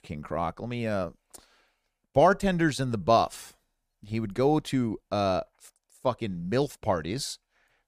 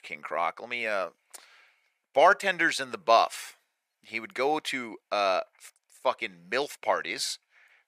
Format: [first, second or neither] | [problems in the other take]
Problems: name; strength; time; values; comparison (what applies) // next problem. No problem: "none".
first | thin; very; fading below 550 Hz